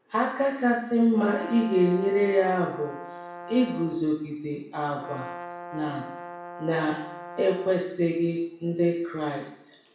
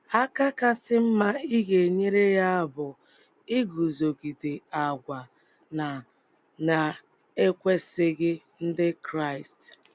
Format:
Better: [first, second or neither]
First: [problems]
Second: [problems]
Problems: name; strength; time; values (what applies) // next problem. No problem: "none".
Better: second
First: background sound (Brass instrument); 13 dB below the speech // room echo; dies away in 0.6 s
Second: none